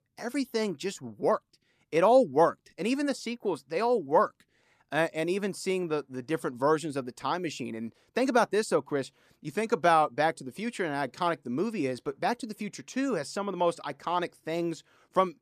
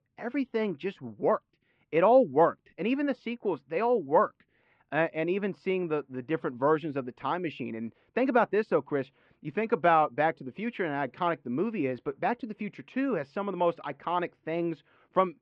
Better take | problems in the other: first | muffled; very; fading above 2.5 kHz

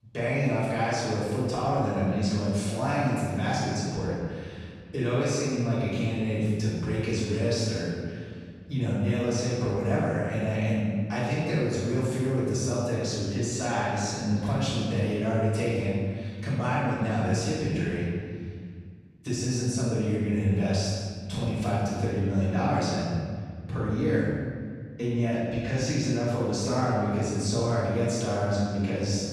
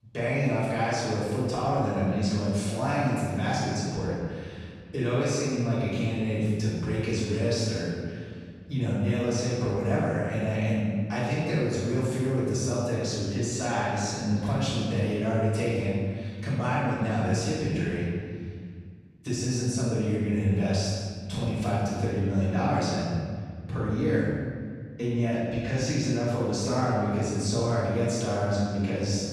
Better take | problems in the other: neither | room echo; strong; dies away in 1.7 s; the same in both // off-mic speech; far; the same in both

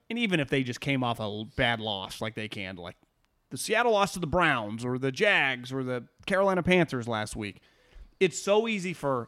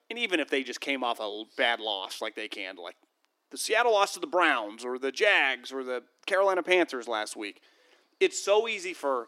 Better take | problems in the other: first | thin; somewhat; fading below 300 Hz

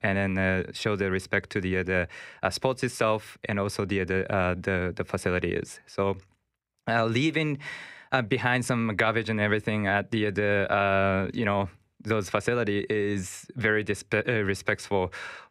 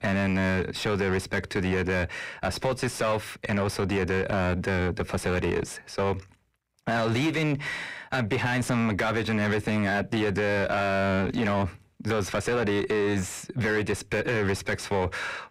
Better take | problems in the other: first | distortion; heavy; 6 dB below the speech

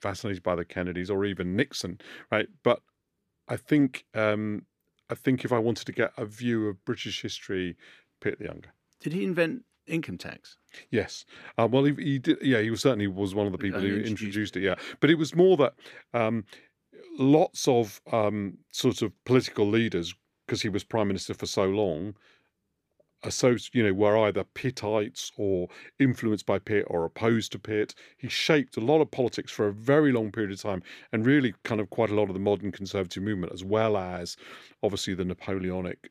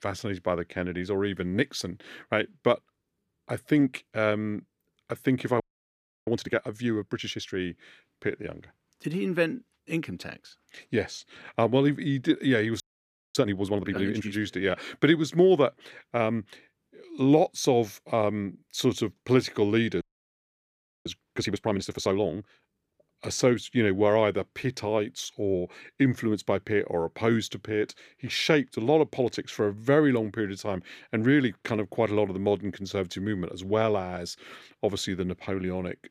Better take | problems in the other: first | audio freezing; at 5.5 s for 0.5 s, at 13 s for 0.5 s and at 20 s for 1 s

